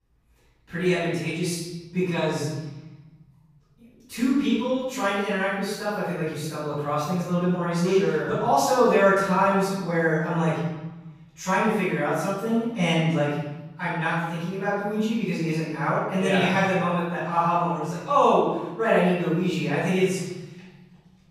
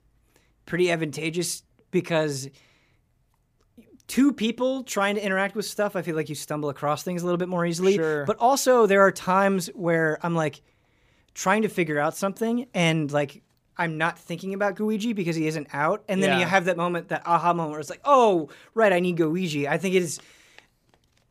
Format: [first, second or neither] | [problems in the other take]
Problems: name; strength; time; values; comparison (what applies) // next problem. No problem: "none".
second | room echo; strong; dies away in 1.1 s // off-mic speech; far